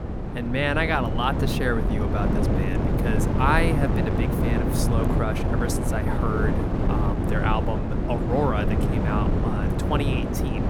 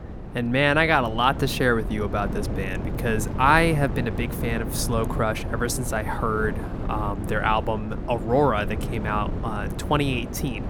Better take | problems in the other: second | wind noise on the microphone; heavy; 2 dB below the speech; occasional gusts in the second

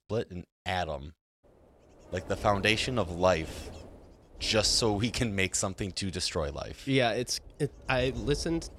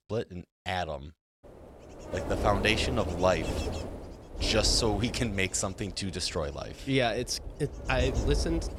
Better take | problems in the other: first | wind noise on the microphone; heavy; from 1.5 s on; 9 dB below the speech; occasional gusts in the first

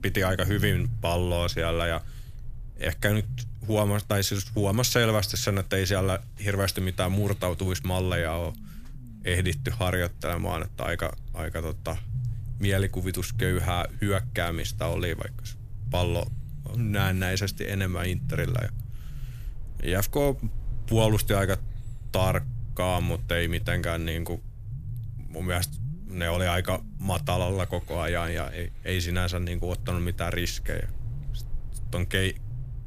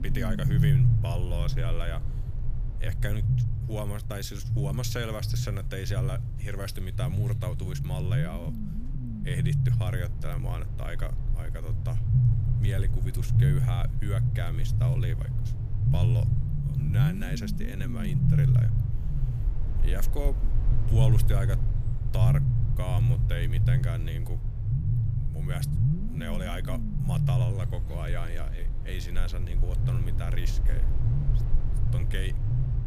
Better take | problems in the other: first | low rumble; loud; throughout; as loud as the speech; faint in the first

